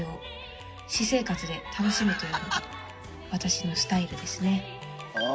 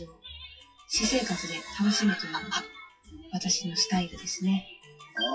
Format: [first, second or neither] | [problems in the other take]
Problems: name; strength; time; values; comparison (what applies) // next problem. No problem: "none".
first | noise reduction (classical method WPE with log-MMSE)